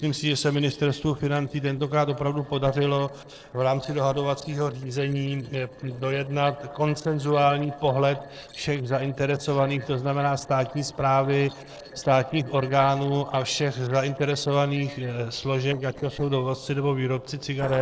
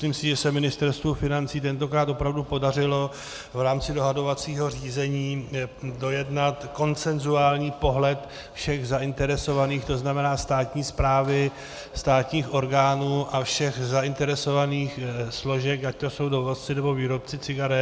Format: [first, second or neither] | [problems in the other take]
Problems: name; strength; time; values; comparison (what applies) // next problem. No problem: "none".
second | noise reduction (neural separator model SepFormer DNS4)